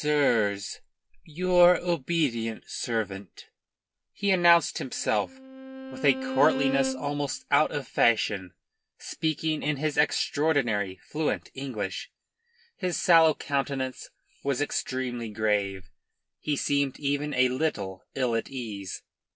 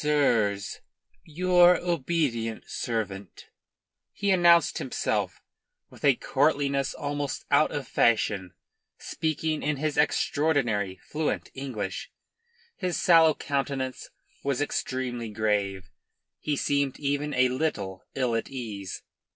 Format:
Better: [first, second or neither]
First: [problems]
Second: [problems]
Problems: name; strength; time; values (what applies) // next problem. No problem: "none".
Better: second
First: background sound (Bowed string instrument); 7 dB below the speech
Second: none